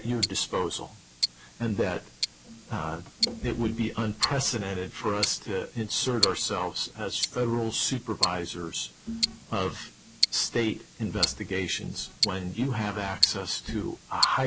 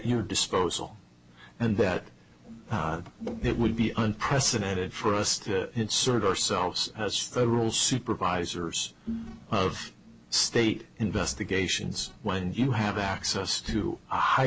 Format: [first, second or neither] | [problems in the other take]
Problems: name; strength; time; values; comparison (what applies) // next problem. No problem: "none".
second | background sound (Tick-tock); 4 dB below the speech